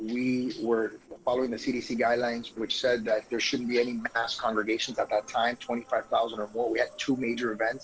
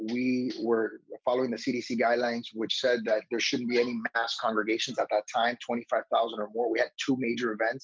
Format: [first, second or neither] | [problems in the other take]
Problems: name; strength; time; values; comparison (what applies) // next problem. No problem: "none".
second | noise reduction (neural separator model SepFormer DNS4)